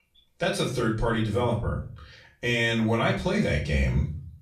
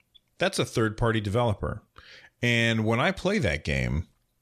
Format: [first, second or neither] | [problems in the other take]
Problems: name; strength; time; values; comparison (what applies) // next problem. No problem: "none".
second | room echo; slight; dies away in 0.3 s // off-mic speech; far